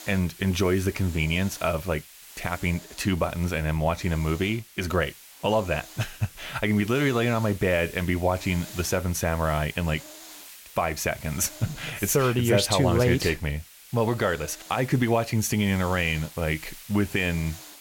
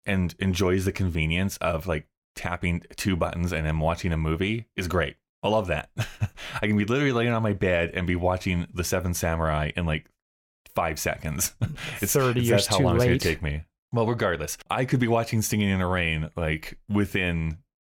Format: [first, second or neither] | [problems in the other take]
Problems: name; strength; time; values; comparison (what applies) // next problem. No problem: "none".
second | hiss; noticeable; throughout; 15 dB below the speech